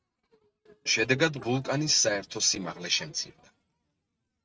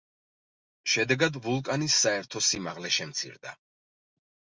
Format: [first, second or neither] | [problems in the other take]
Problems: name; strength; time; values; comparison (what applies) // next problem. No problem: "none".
second | noise reduction (neural mask model RNNoise)